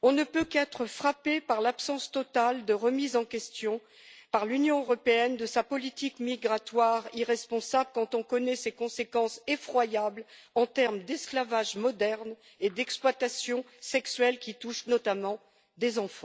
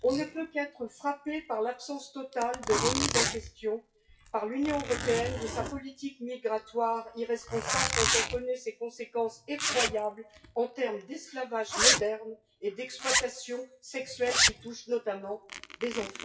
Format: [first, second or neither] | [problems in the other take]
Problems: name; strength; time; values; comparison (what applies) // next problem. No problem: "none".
first | noise reduction (classical method WPE with log-MMSE)